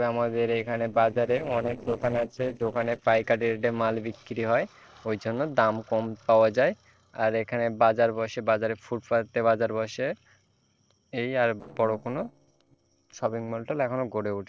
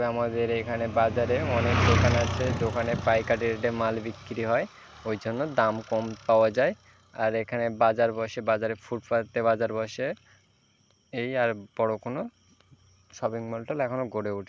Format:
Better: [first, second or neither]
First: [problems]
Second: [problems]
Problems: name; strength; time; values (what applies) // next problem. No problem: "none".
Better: second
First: noise reduction (neural separator model SepFormer DNS4)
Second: none